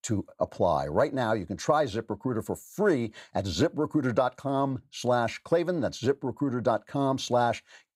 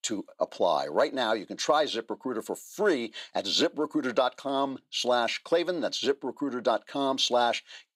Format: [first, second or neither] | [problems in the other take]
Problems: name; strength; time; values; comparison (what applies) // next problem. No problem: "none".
first | thin; very slightly; fading below 250 Hz